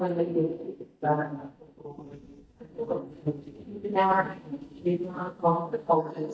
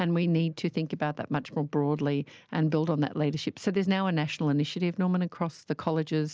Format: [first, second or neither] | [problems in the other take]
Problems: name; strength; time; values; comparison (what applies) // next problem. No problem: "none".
second | noise reduction (neural mask model DeepFilterNet 3)